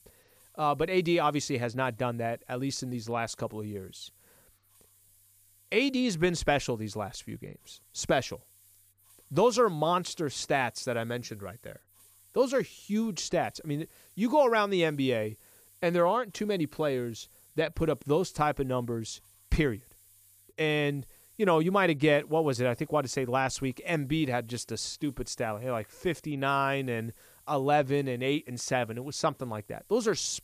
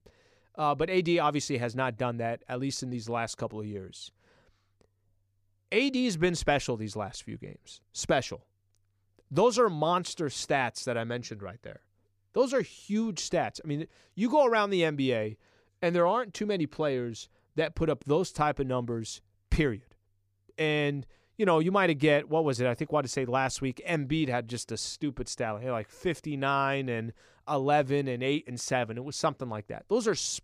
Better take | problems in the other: second | hiss; faint; throughout; 30 dB below the speech

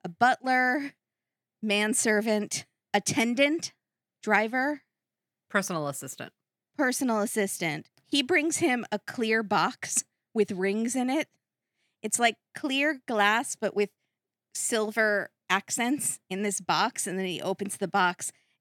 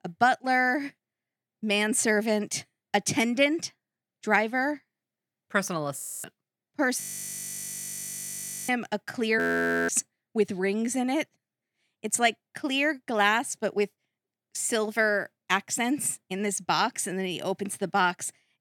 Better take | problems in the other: first | audio freezing; at 6 s, at 7 s for 1.5 s and at 9.5 s

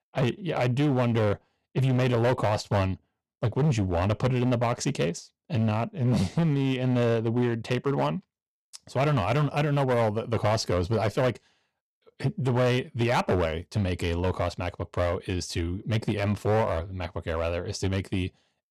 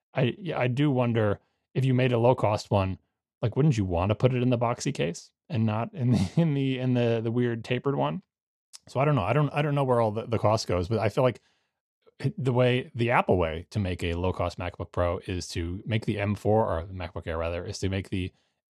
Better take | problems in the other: second | distortion; slight; 10% of the sound clipped

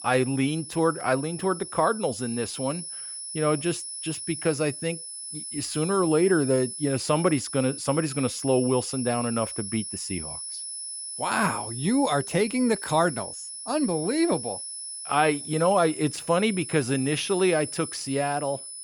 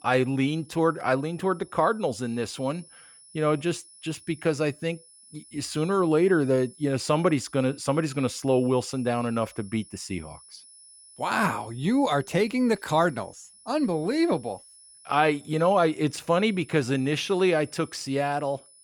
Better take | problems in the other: second | high-pitched whine; loud; throughout; 10 kHz, 8 dB below the speech; faint in the second

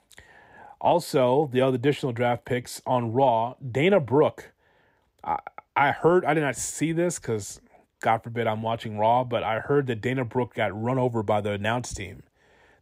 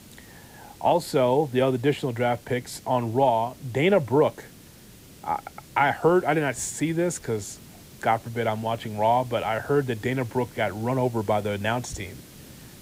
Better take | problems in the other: first | hiss; faint; throughout; 20 dB below the speech

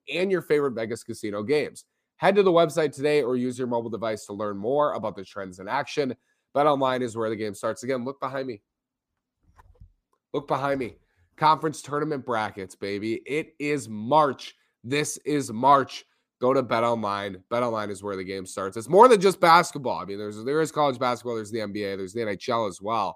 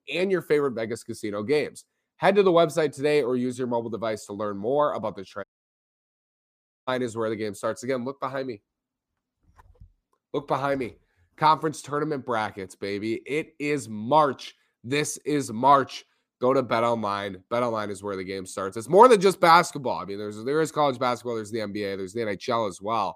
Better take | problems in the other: first | audio cutting out; at 5.5 s for 1.5 s

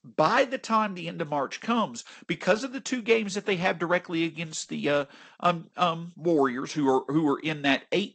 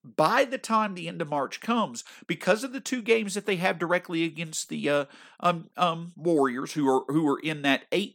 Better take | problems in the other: second | garbled, watery; slightly; nothing above 8 kHz

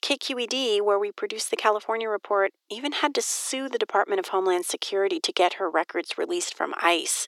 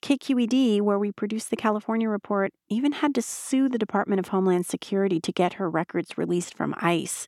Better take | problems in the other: second | thin; very; fading below 400 Hz

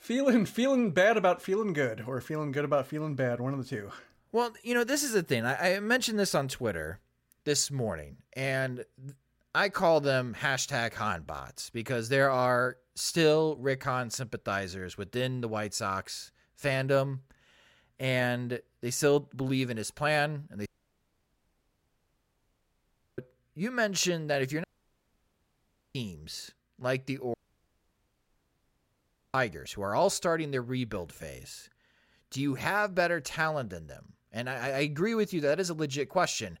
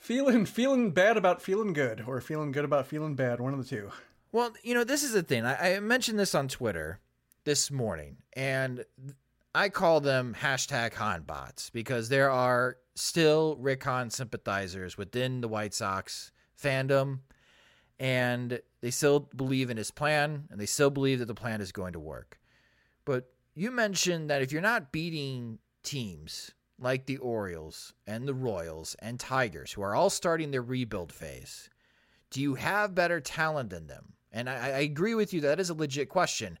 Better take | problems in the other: second | audio cutting out; at 21 s for 2.5 s, at 25 s for 1.5 s and at 27 s for 2 s

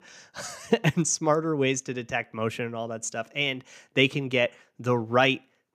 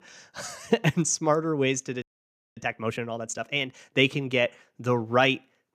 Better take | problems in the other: first | audio freezing; at 2 s for 0.5 s

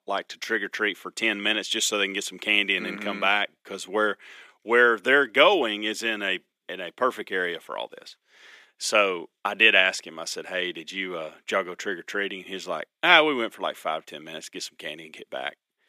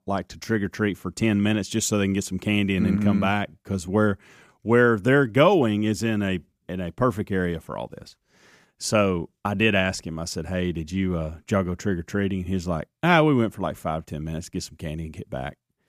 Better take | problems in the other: second | thin; very; fading below 350 Hz

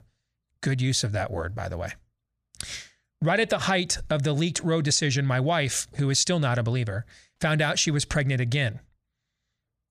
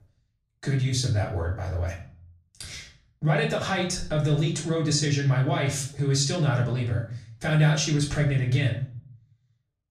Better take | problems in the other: first | off-mic speech; far // room echo; slight; dies away in 0.5 s

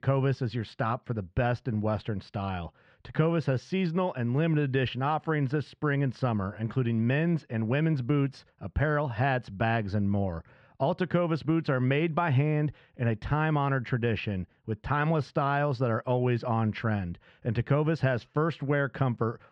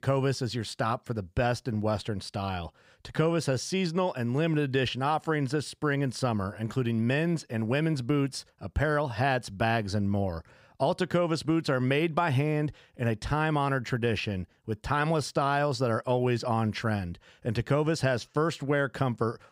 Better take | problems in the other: second | muffled; slightly; fading above 2.5 kHz

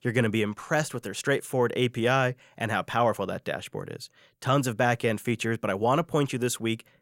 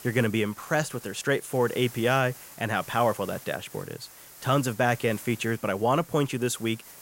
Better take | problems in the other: first | hiss; noticeable; throughout; 20 dB below the speech

